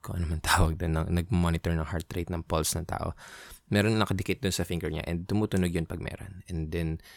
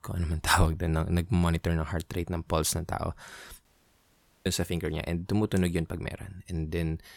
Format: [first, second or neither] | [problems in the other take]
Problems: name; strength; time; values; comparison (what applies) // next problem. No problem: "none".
first | audio cutting out; at 3.5 s for 1 s